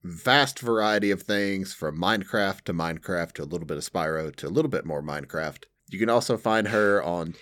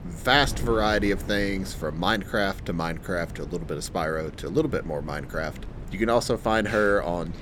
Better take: first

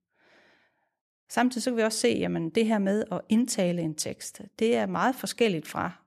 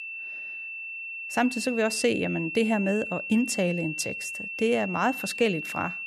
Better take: first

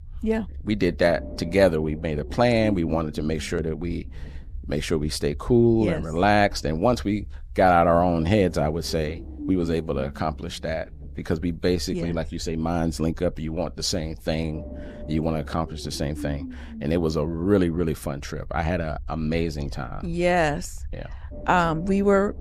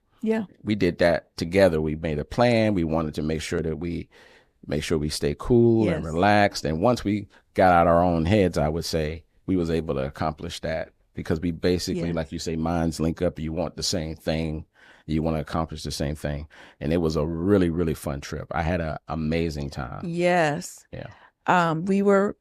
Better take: second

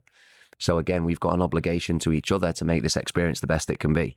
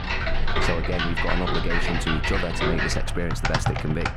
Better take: first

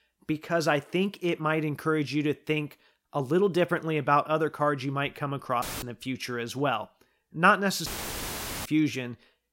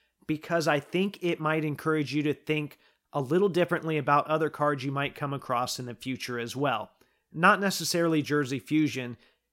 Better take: second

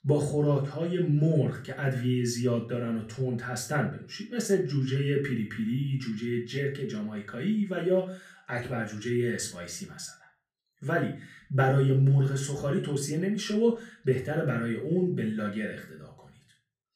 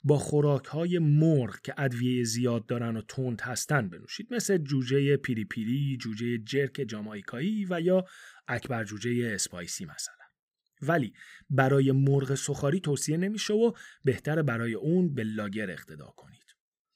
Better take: second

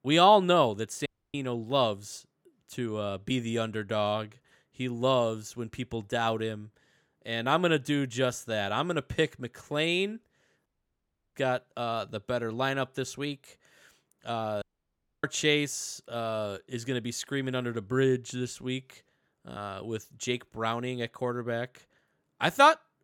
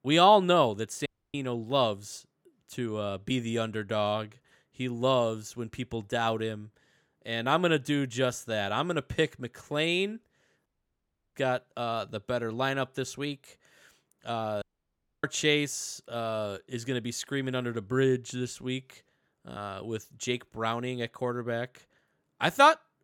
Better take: neither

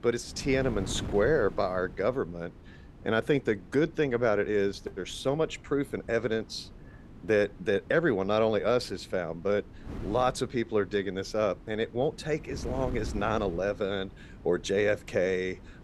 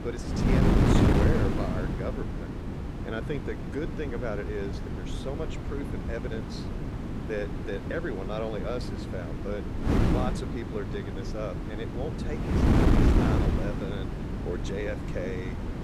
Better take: first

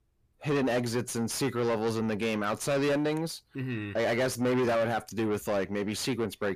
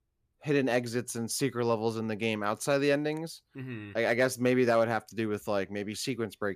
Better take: second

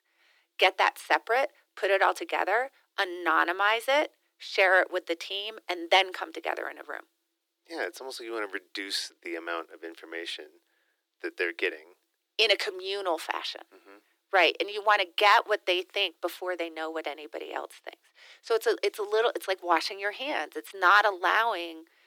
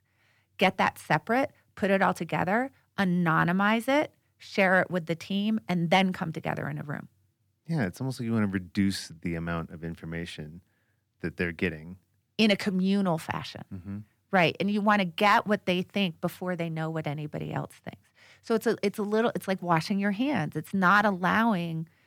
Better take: second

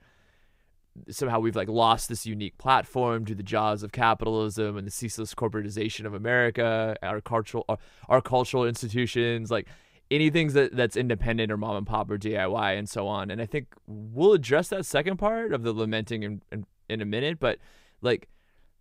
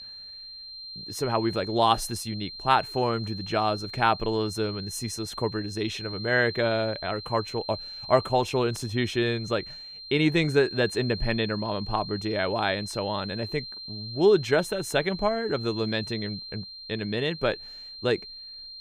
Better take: first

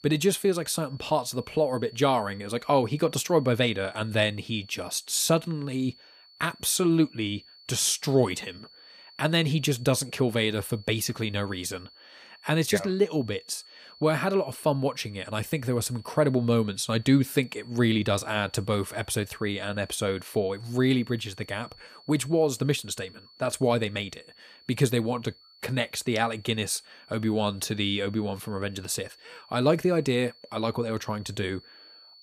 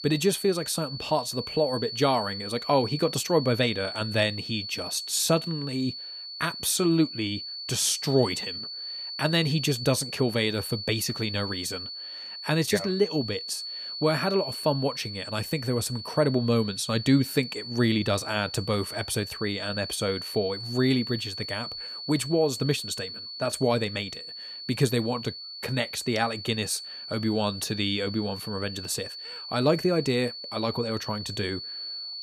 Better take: first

